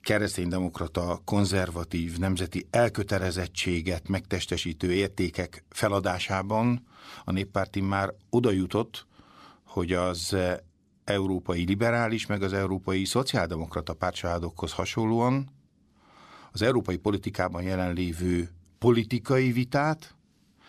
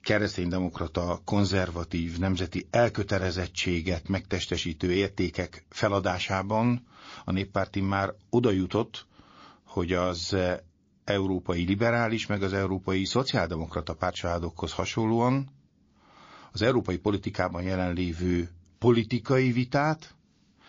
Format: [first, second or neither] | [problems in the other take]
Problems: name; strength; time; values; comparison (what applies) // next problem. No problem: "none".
first | garbled, watery; slightly